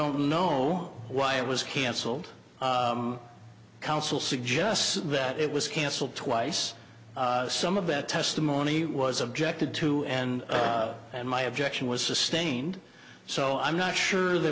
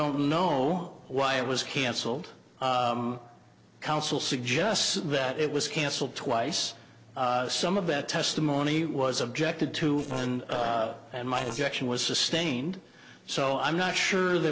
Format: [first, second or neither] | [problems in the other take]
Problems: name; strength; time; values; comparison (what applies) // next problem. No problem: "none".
first | noise reduction (neural separator model SepFormer DNS4)